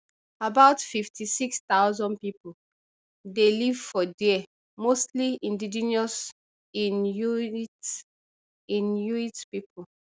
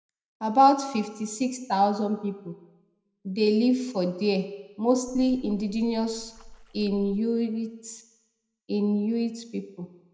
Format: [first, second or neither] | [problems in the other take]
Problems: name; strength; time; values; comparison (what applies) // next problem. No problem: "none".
first | background sound (Splash, splatter); 20 dB below the speech // room echo; dies away in 0.7 s